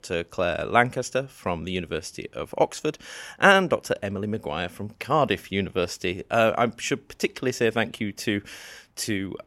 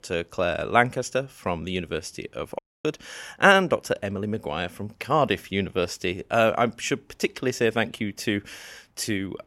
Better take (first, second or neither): first